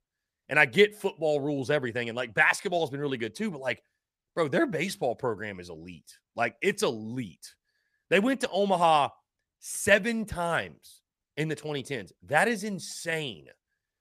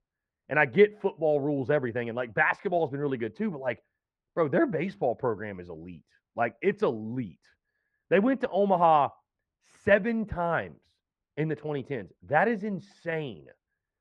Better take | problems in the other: first | muffled; very; fading above 1.5 kHz

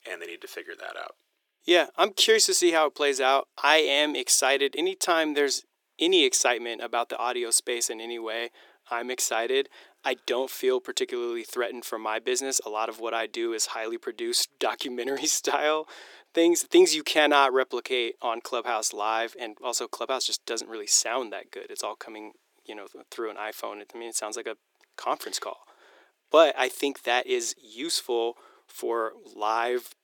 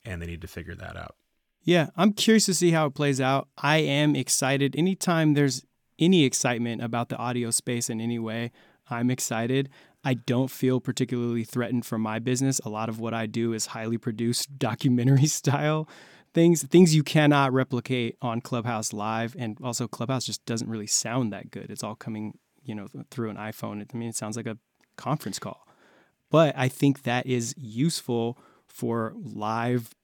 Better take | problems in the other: second | thin; very; fading below 350 Hz

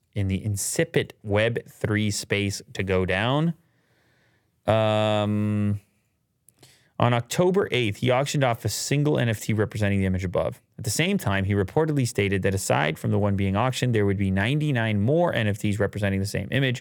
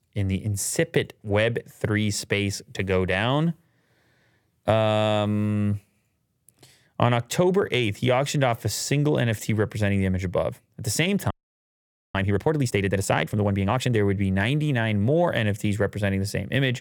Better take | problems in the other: first | audio freezing; at 11 s for 1 s

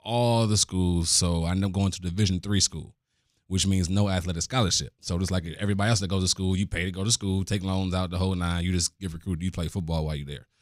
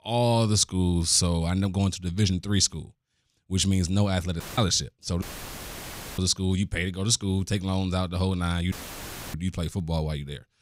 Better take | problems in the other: first | audio cutting out; filled with static; at 4.5 s, at 5 s for 1 s and at 8.5 s for 0.5 s

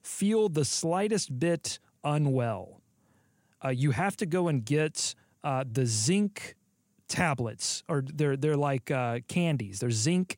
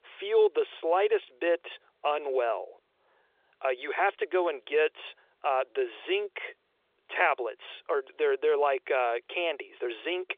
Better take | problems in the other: first | phone-call audio

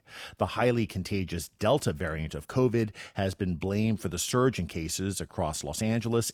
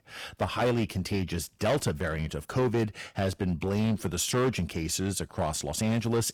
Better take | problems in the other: first | distortion; slight; 8% of the sound clipped

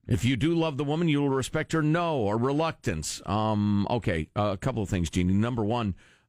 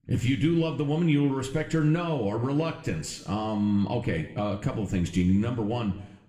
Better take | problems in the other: first | room echo; slight; dies away in 0.6 s

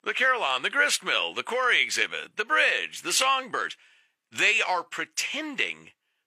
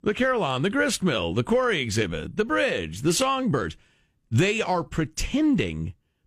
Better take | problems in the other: second | thin; very; fading below 800 Hz

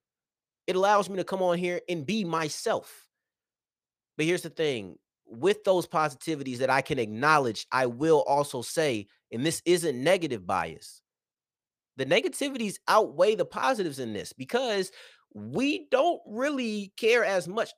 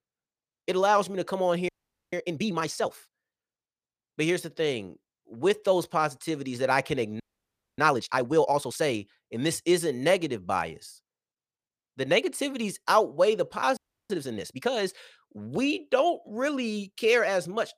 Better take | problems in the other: first | audio freezing; at 1.5 s, at 7 s for 0.5 s and at 14 s

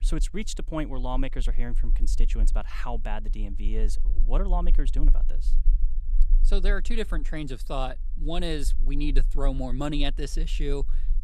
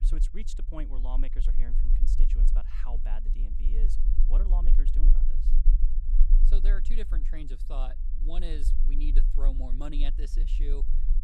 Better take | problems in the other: first | low rumble; loud; throughout; 9 dB below the speech; faint in the first

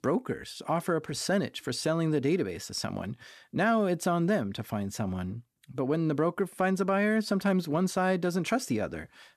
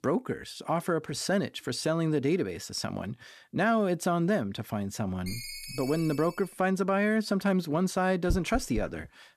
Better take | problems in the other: first | phone ringing; noticeable; from 5.5 to 6.5 s; peak 9 dB below the speech // dog barking; noticeable; at 8.5 s; peak 7 dB below the speech

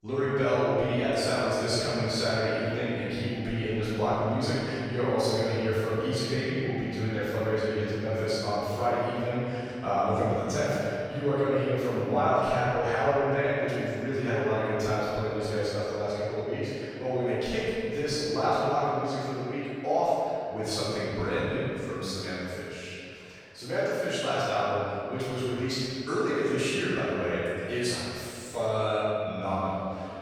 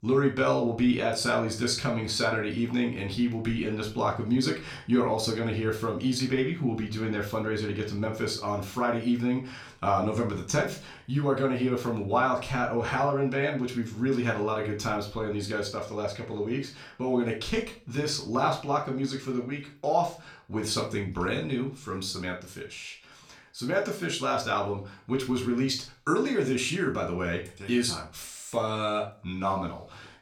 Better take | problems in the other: second | room echo; strong; dies away in 2.4 s; slight in the second // off-mic speech; far; somewhat distant in the second

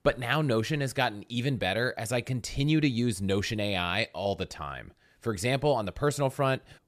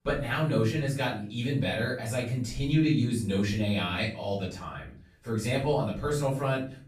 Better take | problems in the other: first | off-mic speech; far // room echo; noticeable; dies away in 0.4 s

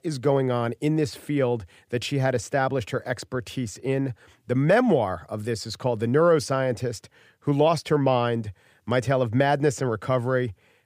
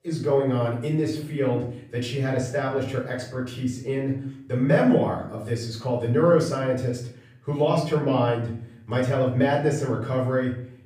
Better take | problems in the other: first | off-mic speech; far // room echo; noticeable; dies away in 0.5 s

